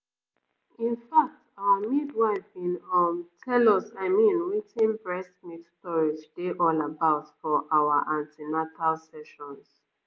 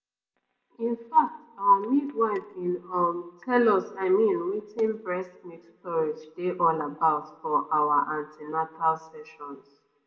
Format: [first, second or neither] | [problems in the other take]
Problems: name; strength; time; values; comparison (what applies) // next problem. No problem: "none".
first | room echo; dies away in 0.9 s